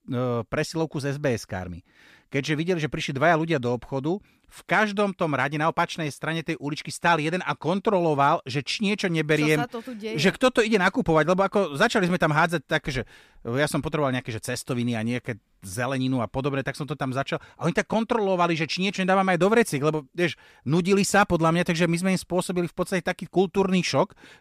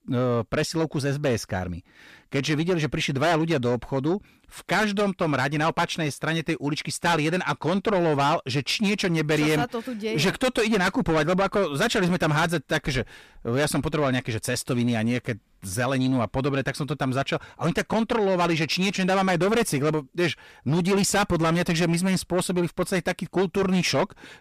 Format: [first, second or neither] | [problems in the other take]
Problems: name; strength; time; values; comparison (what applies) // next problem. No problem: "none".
first | distortion; heavy; 8 dB below the speech